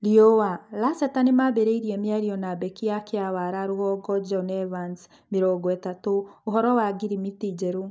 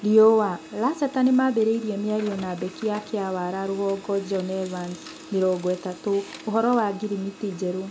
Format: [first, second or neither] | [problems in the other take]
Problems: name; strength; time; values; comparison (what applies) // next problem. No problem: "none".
first | background sound (Printer); 18 dB below the speech